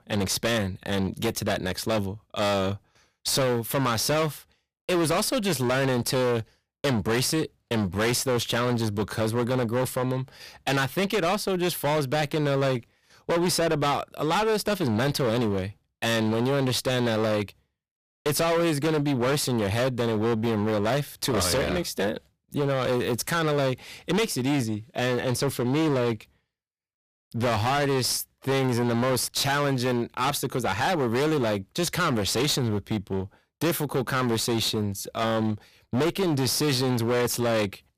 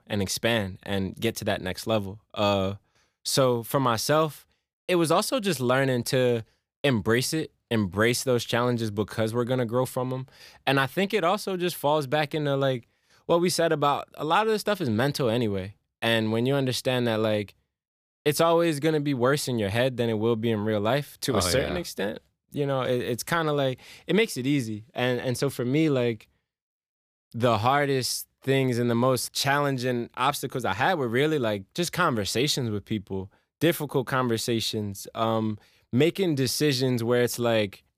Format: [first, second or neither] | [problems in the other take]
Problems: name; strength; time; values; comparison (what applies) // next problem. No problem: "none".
second | distortion; heavy; 25% of the sound clipped